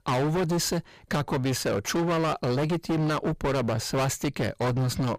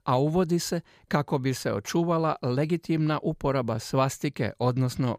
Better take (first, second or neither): second